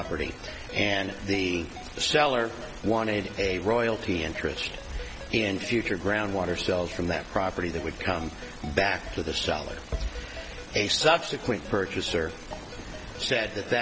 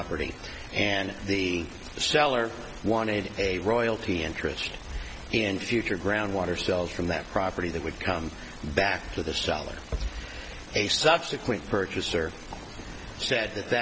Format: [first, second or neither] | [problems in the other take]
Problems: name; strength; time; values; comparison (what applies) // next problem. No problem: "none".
second | background sound (Ringtone); 18 dB below the speech